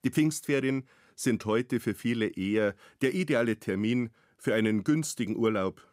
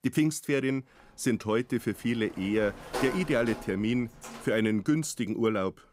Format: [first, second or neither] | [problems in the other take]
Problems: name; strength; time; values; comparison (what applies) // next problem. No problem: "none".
first | door banging; noticeable; from 2.5 to 4.5 s; peak 5 dB below the speech